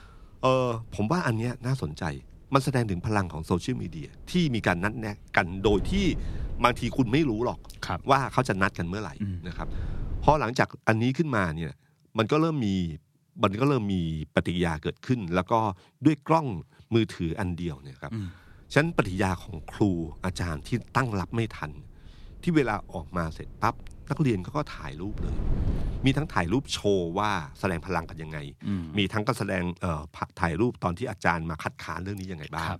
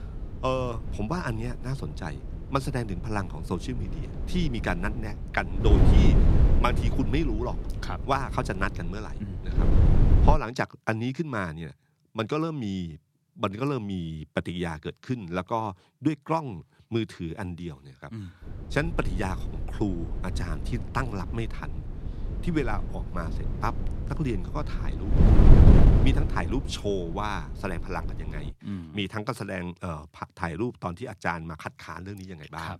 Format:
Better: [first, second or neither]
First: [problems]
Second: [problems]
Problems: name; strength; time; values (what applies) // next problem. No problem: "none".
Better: first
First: wind noise on the microphone; occasional gusts; until 10 s and from 18 to 29 s; 25 dB below the speech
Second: wind noise on the microphone; heavy; until 10 s and from 18 to 29 s; 5 dB below the speech